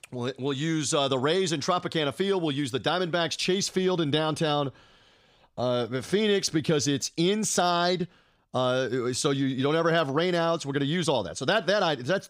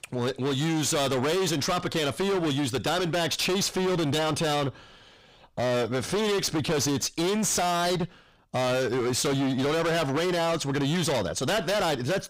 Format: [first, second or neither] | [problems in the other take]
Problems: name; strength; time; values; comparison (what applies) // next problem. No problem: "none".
first | distortion; heavy; 36% of the sound clipped